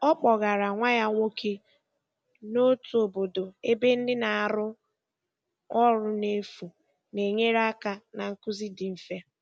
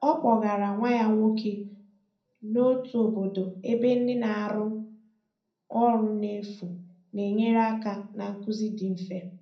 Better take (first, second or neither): first